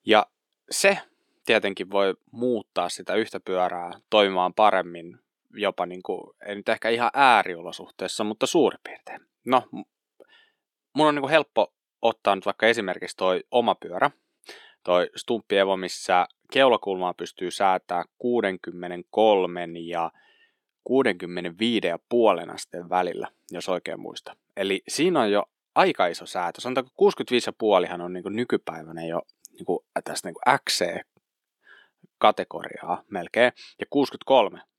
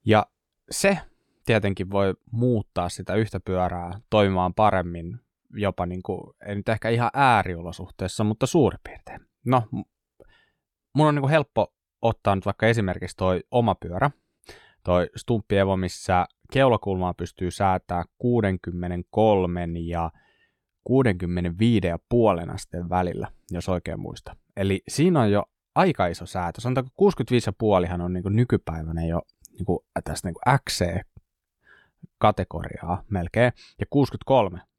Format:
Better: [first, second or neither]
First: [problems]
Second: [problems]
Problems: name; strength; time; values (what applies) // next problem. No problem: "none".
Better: second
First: thin; somewhat; fading below 250 Hz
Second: none